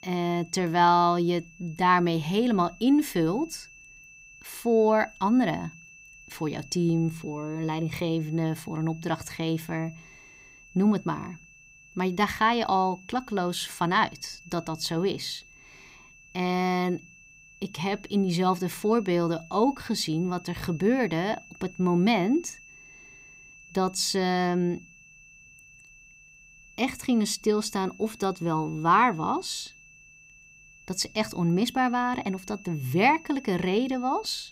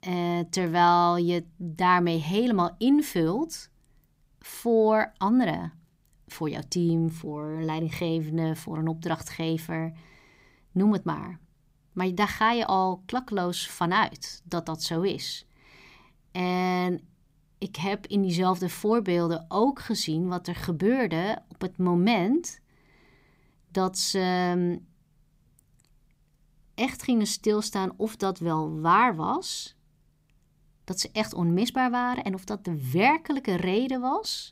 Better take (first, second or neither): second